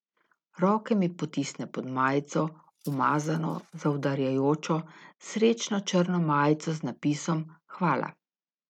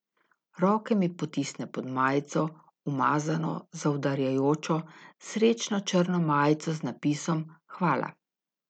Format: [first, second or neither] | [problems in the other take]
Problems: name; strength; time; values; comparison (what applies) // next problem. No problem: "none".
second | noise reduction (neural mask model RNNoise)